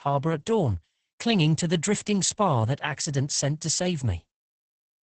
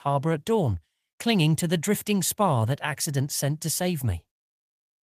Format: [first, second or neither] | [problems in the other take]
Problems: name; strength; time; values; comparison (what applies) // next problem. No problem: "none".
second | garbled, watery; badly; nothing above 8 kHz; slightly in the second